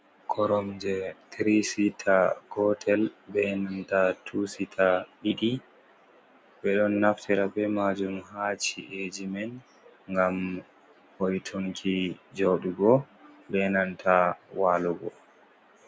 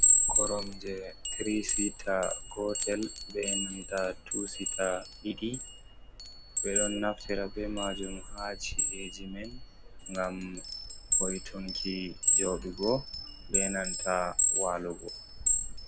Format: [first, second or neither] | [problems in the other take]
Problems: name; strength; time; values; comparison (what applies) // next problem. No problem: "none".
first | background sound (Chime); 5 dB above the speech